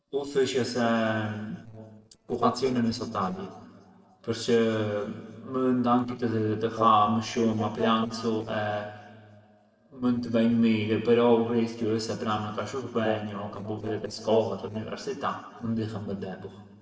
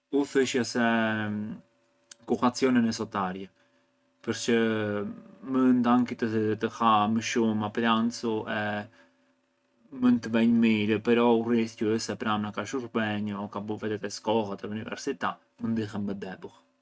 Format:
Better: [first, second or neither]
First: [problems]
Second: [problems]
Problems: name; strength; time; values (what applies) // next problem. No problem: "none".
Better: second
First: noise reduction (neural separator model SepFormer DNS4)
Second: none